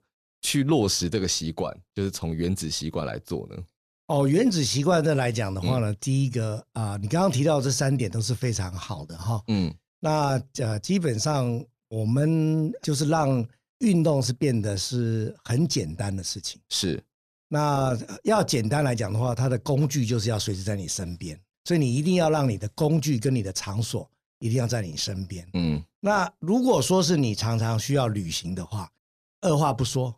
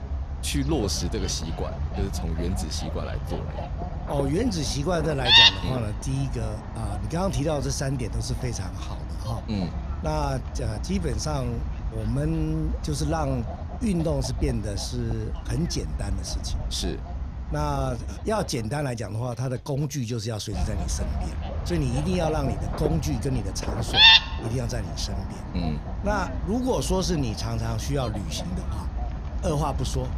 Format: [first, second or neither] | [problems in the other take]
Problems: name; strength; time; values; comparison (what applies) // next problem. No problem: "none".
first | animal sounds; very loud; throughout; 3 dB above the speech